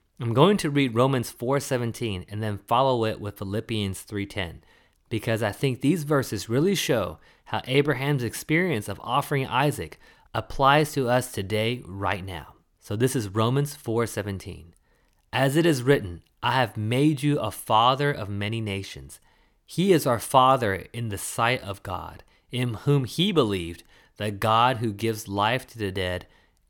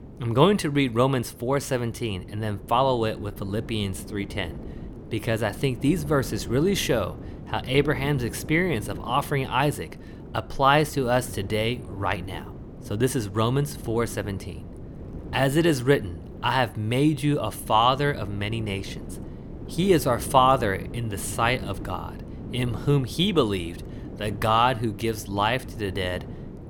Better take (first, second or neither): first